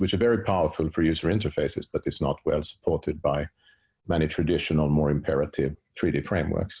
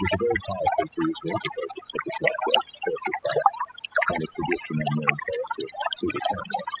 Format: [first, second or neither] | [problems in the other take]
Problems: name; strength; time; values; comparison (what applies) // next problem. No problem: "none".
first | noise reduction (classical method spectral subtraction)